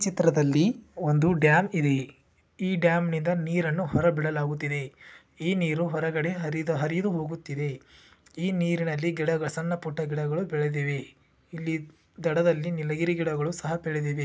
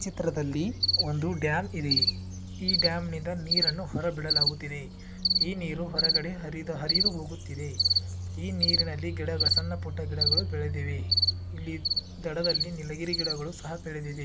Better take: first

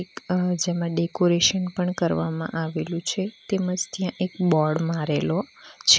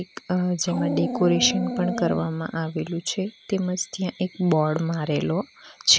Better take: first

